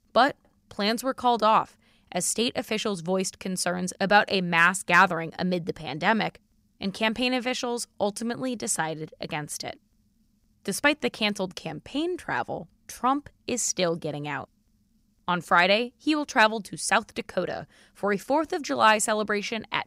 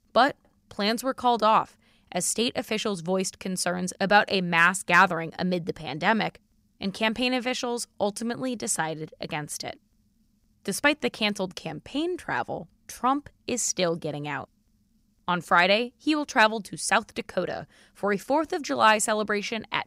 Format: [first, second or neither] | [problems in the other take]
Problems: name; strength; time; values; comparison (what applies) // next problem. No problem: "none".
neither | none